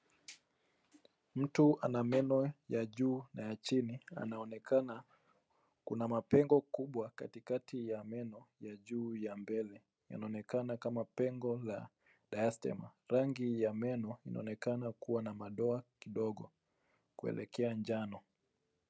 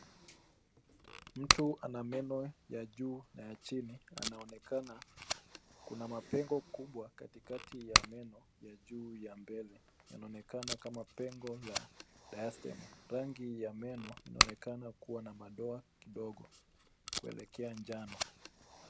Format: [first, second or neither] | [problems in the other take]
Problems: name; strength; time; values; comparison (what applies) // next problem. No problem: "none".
first | background sound (Packing tape, duct tape); 2 dB above the speech